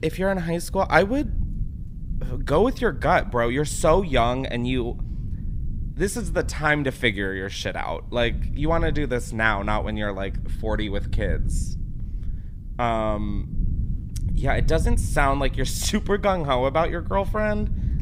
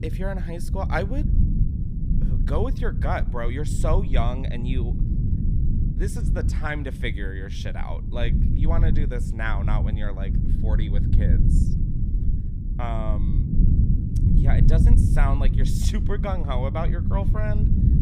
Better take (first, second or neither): first